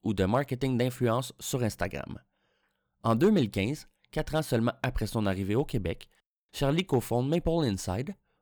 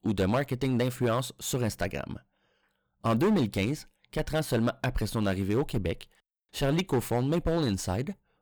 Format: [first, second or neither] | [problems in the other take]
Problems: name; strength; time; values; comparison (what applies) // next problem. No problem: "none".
first | distortion; slight; 6% of the sound clipped